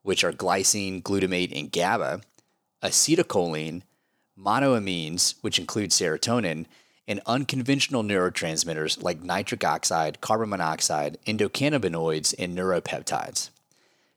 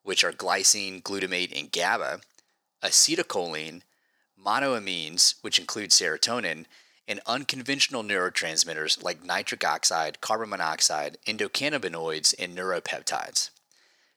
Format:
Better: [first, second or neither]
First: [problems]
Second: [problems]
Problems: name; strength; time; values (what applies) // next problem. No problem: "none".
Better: first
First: none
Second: thin; somewhat; fading below 600 Hz